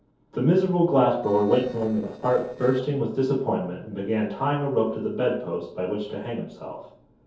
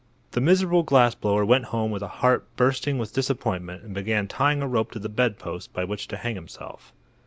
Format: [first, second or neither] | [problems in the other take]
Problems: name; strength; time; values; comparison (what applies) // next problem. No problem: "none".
second | noise reduction (neural separator model SepFormer DNS4)